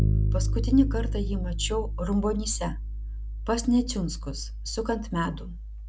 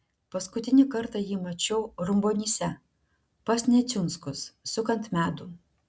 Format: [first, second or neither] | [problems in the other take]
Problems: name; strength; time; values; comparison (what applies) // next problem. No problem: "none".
second | background sound (Bass guitar); as loud as the speech